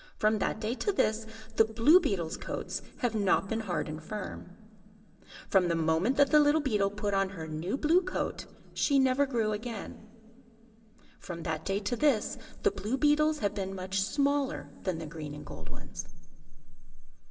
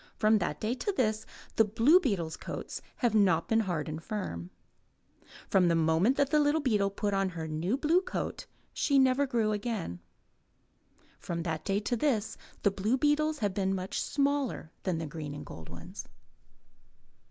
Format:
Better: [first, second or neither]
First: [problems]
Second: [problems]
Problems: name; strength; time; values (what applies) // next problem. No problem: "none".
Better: second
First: room echo; dies away in 2.7 s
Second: none